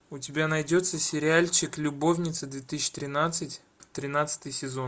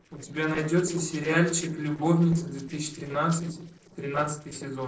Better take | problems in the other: first | noise reduction (neural separator model SepFormer DNS4)

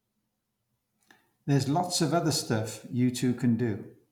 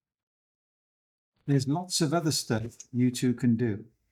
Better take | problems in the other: first | noise reduction (neural mask model DeepFilterNet 3)

